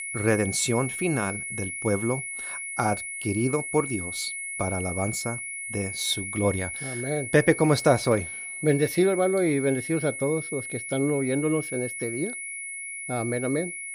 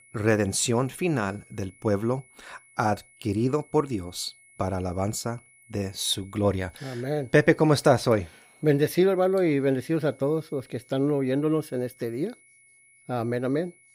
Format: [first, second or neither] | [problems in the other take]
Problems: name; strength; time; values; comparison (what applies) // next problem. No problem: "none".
second | high-pitched whine; loud; throughout; 2 kHz, 6 dB below the speech; faint in the second